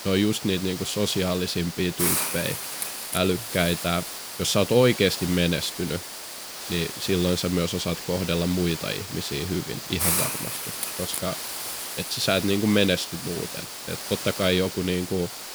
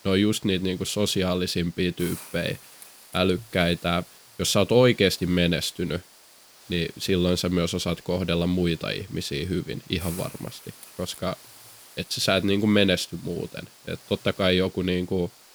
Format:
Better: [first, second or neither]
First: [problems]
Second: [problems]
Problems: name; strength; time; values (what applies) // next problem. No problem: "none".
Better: second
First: hiss; loud; throughout; 5 dB below the speech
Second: hiss; faint; throughout; 20 dB below the speech